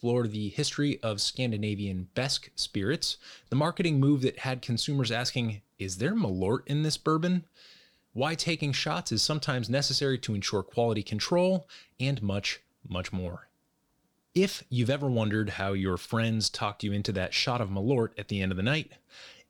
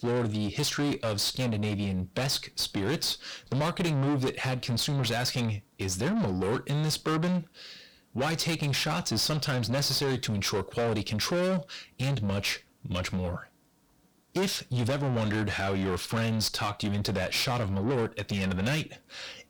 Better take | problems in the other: first | distortion; heavy; 7 dB below the speech

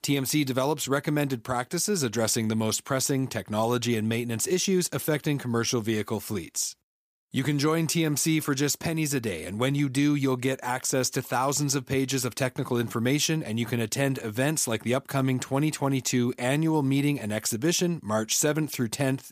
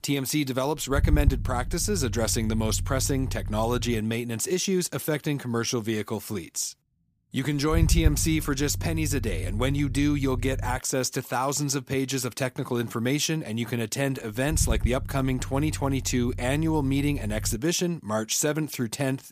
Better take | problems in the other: first | low rumble; noticeable; throughout; 20 dB below the speech

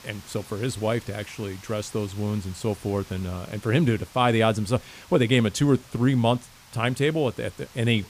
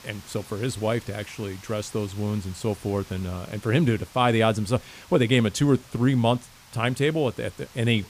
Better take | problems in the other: neither | hiss; faint; throughout; 20 dB below the speech; the same in both

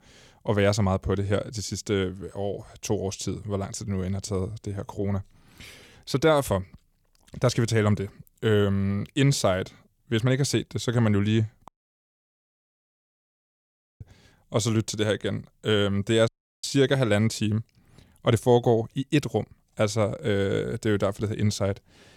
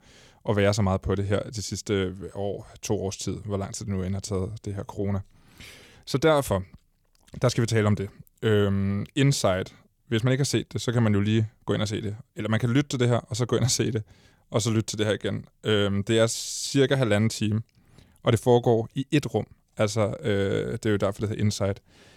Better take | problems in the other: second | audio cutting out; at 12 s for 2.5 s and at 16 s

